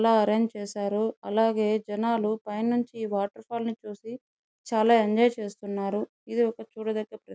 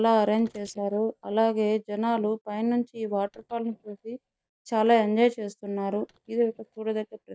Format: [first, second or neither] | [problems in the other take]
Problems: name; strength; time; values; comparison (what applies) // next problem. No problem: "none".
first | noise reduction (neural mask model DeepFilterNet 3)